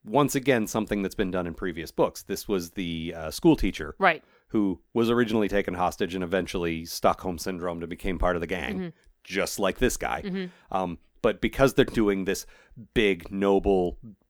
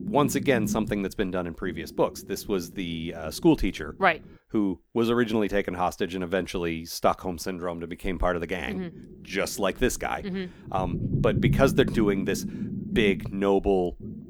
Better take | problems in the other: first | low rumble; noticeable; until 4.5 s and from 8.5 s on; 15 dB below the speech

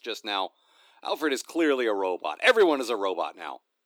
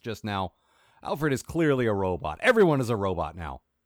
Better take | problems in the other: second | thin; somewhat; fading below 300 Hz

